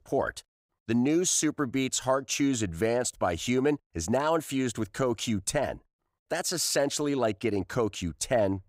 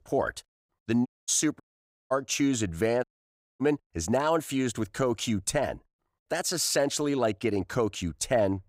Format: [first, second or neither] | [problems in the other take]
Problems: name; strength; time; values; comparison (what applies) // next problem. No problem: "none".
first | audio cutting out; at 1 s, at 1.5 s for 0.5 s and at 3 s for 0.5 s